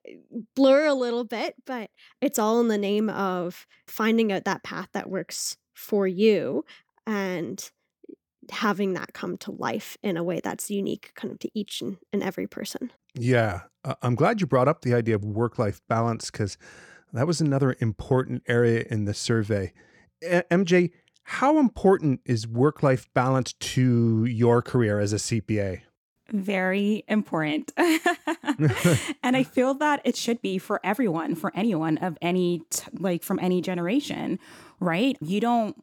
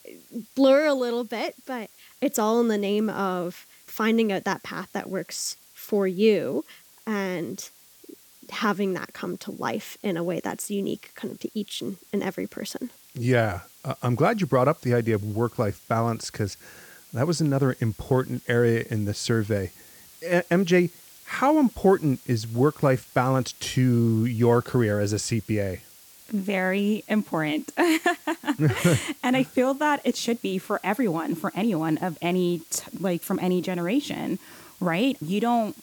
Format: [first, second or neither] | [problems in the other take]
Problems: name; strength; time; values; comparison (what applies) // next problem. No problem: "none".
first | hiss; faint; throughout; 25 dB below the speech